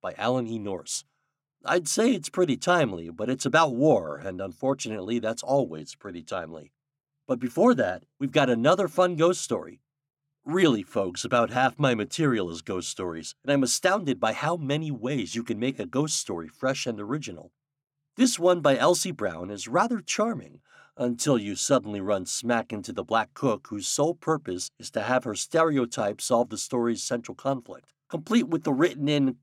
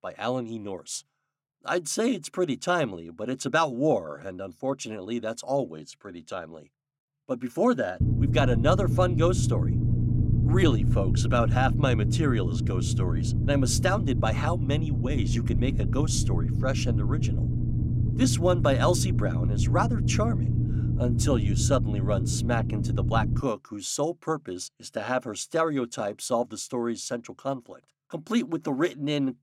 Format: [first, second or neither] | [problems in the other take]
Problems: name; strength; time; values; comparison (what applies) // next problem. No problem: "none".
first | low rumble; loud; from 8 to 23 s; 8 dB below the speech